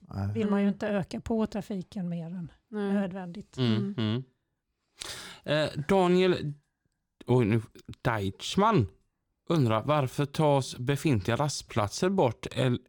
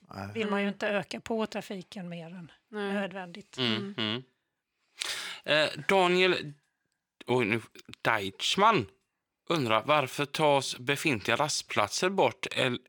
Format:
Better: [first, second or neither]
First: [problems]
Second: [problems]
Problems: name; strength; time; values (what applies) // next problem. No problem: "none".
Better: first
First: none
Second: thin; somewhat; fading below 1 kHz